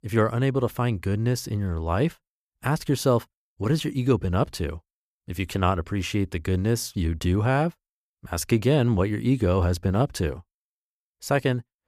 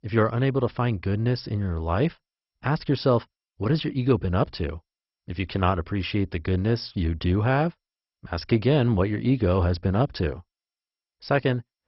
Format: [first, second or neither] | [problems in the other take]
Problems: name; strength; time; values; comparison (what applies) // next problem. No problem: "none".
first | garbled, watery; badly; nothing above 5.5 kHz